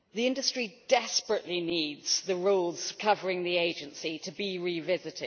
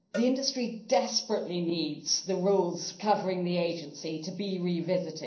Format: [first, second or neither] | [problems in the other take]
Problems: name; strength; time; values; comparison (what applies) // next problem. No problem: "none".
first | noise reduction (neural separator model SepFormer DNS4)